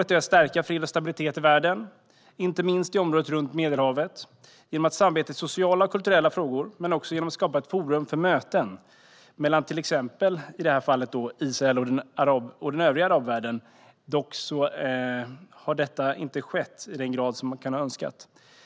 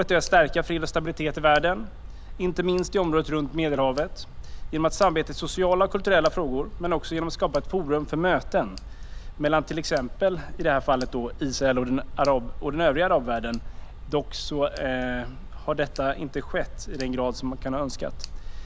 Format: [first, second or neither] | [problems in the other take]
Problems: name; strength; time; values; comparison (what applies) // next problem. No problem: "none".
first | background sound (Tick); 9 dB below the speech